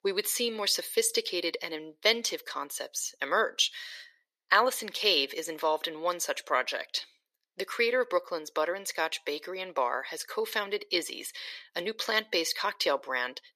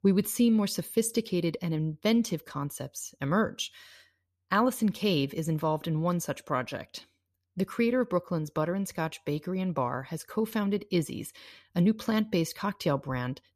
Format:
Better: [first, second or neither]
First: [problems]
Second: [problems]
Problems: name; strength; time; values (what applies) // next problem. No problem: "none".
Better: second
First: thin; very; fading below 400 Hz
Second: none